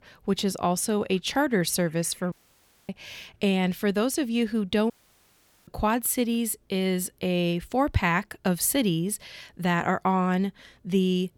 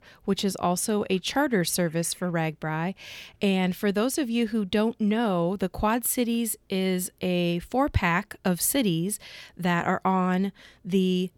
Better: second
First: audio cutting out; at 2.5 s for 0.5 s and at 5 s for 1 s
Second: none

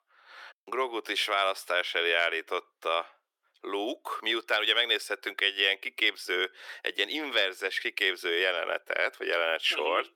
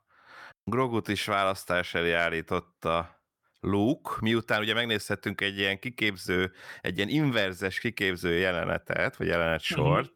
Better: second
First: thin; very; fading below 350 Hz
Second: none

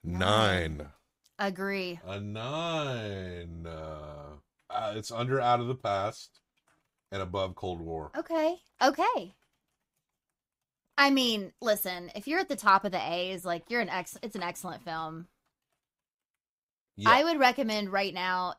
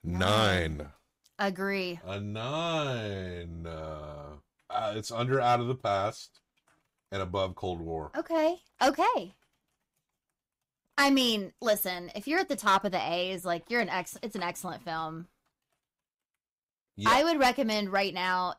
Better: first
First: none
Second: distortion; slight; 1.2% of the sound clipped

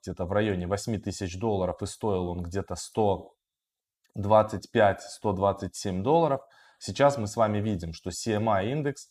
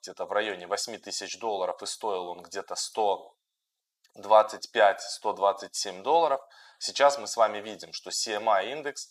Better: first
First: none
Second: thin; very; fading below 700 Hz

